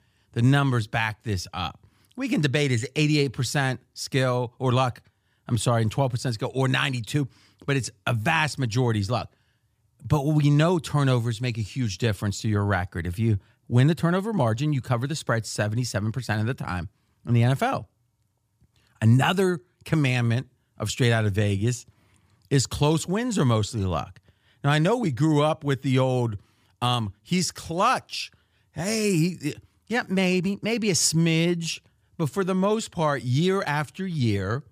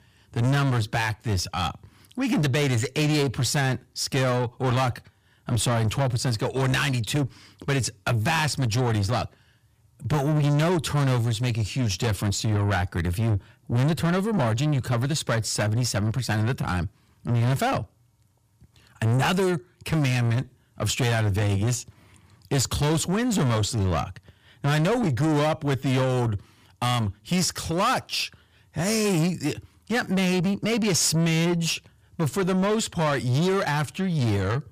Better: first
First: none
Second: distortion; heavy; 7 dB below the speech

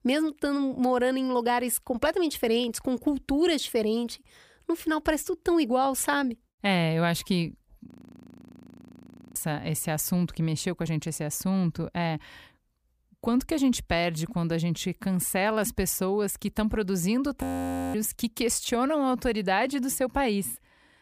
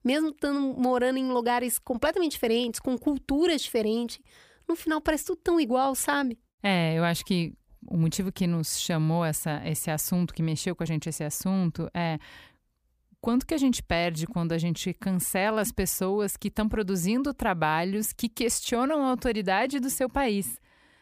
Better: second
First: audio freezing; at 8 s for 1.5 s and at 17 s for 0.5 s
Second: none

